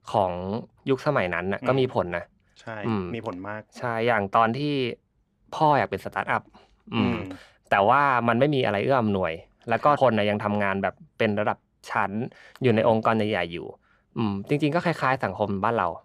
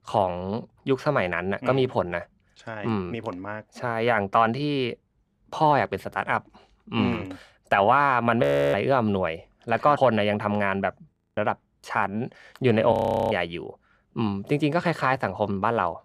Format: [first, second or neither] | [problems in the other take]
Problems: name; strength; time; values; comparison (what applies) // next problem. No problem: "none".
first | audio freezing; at 8.5 s, at 11 s and at 13 s